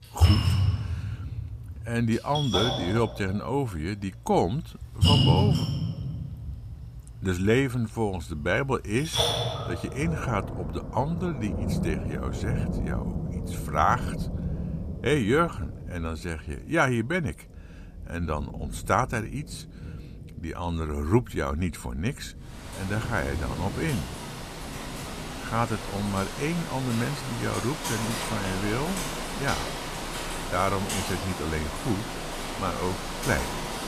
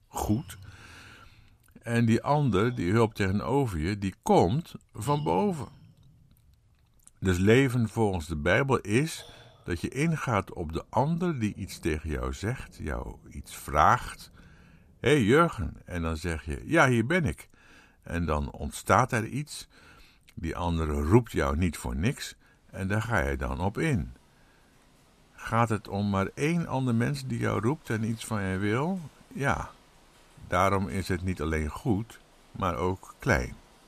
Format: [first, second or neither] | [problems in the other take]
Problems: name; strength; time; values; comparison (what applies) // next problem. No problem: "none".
second | rain or running water; loud; throughout; 2 dB below the speech; faint in the second